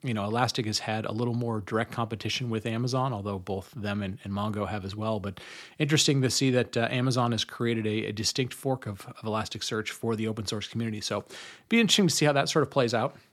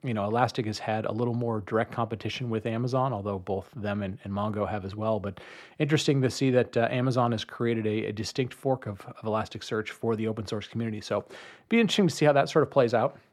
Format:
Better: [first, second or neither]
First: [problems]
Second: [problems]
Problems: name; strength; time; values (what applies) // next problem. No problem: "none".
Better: first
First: none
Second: muffled; slightly; fading above 3 kHz